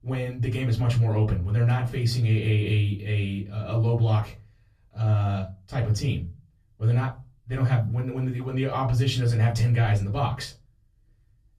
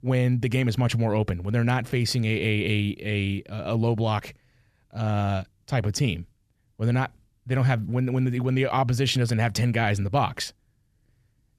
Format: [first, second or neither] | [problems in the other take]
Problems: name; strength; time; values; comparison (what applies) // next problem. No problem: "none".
second | off-mic speech; far // room echo; very slight; dies away in 0.2 s